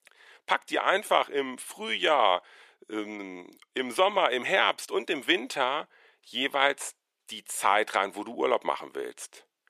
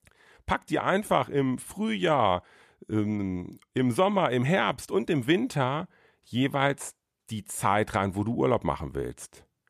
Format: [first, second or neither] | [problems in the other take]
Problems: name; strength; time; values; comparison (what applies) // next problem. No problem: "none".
second | thin; somewhat; fading below 400 Hz